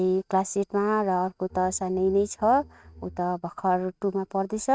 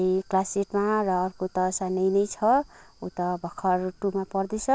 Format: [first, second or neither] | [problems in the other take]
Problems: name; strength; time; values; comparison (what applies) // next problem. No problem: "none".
second | noise reduction (neural mask model RNNoise)